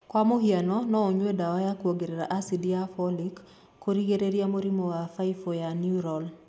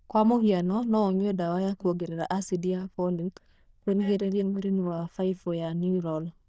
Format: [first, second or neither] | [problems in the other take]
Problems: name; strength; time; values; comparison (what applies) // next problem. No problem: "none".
first | noise reduction (neural diffusion model UNIVERSE++)